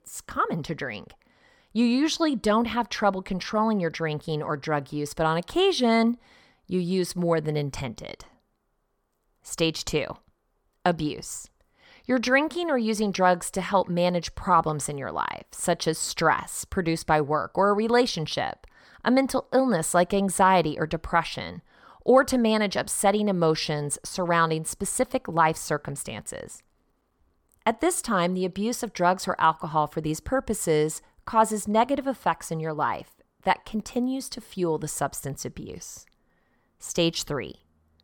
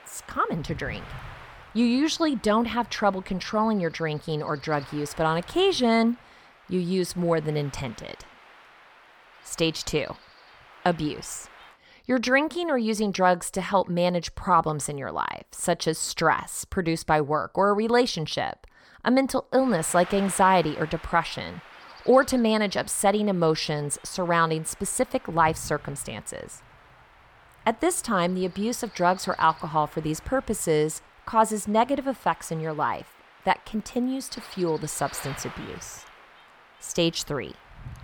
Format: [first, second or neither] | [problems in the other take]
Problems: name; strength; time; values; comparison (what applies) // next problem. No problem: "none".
first | wind noise on the microphone; occasional gusts; until 12 s and from 20 s on; 20 dB below the speech